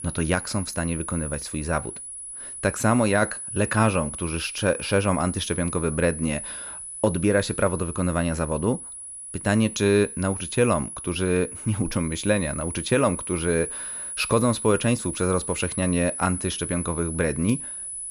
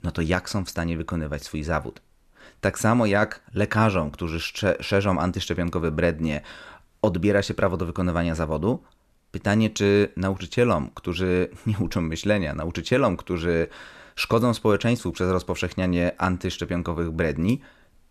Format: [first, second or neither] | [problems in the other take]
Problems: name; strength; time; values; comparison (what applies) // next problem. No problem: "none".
second | high-pitched whine; loud; throughout; 10.5 kHz, 8 dB below the speech